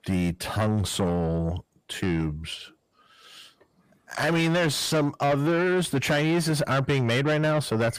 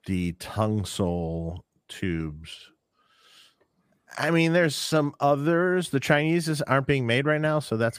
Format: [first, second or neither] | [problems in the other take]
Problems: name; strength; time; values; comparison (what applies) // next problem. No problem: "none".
second | distortion; heavy; 7 dB below the speech